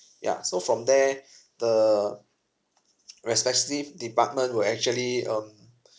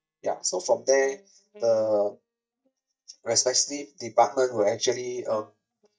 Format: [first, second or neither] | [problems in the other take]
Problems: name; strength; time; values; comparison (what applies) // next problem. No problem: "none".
first | noise reduction (neural mask model DeepFilterNet 3)